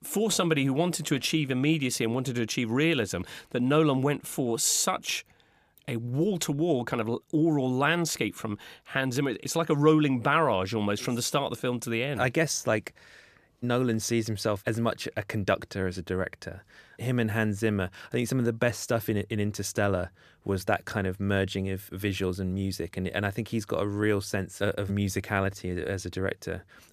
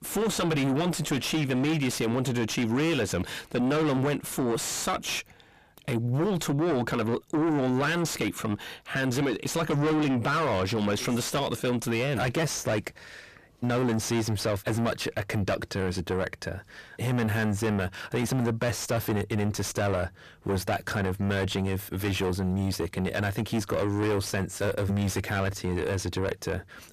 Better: first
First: none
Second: distortion; heavy; 6 dB below the speech

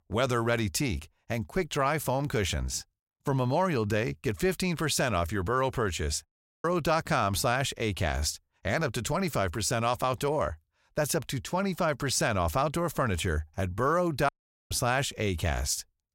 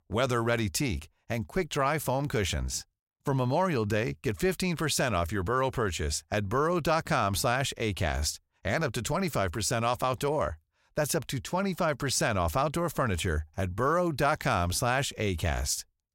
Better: second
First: audio cutting out; at 6.5 s and at 14 s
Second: none

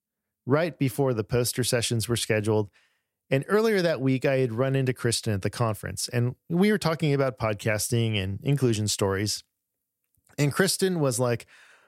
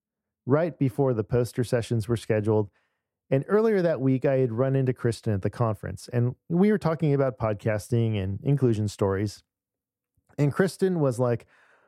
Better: first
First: none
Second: muffled; slightly; fading above 2 kHz

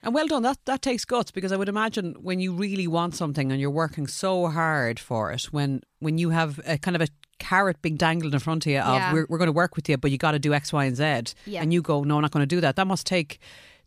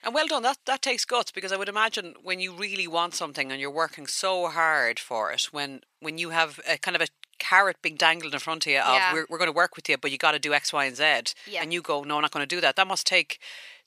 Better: first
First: none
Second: thin; very; fading below 600 Hz

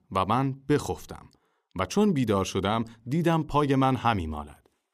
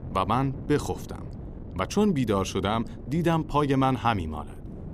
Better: first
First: none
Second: wind noise on the microphone; occasional gusts; 20 dB below the speech

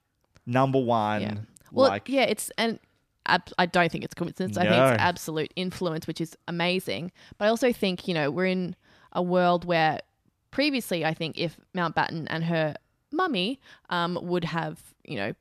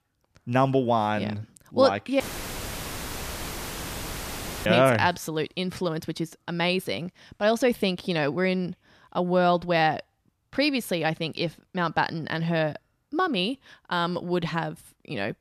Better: first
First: none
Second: audio cutting out; filled with static; at 2 s for 2.5 s

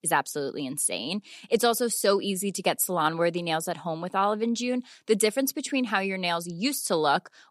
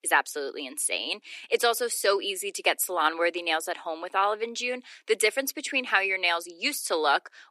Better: first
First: none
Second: thin; somewhat; fading below 300 Hz

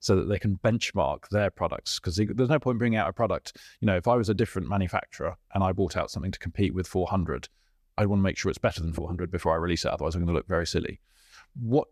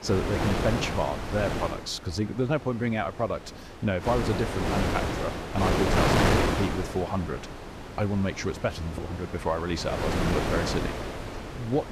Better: first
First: none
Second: wind noise on the microphone; heavy; 1 dB above the speech

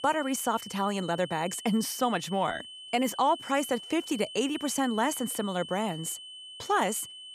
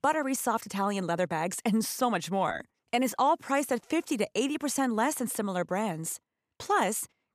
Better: second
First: high-pitched whine; noticeable; throughout; 3 kHz, 10 dB below the speech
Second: none

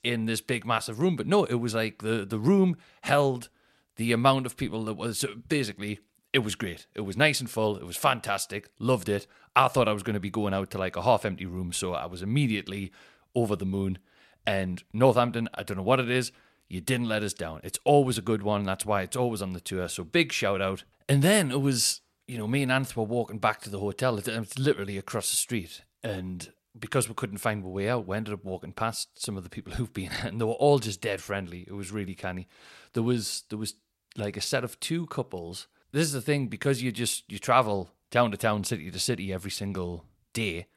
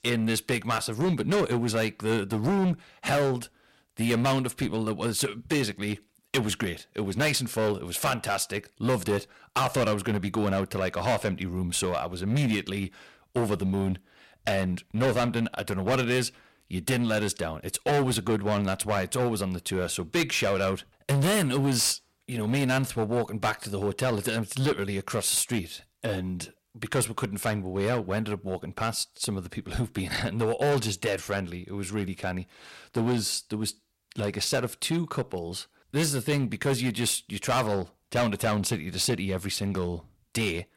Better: first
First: none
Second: distortion; heavy; 9% of the sound clipped

